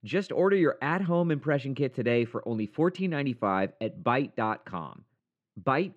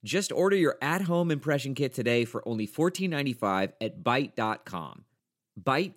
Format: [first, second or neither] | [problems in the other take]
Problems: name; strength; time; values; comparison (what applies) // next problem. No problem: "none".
second | muffled; slightly; fading above 2.5 kHz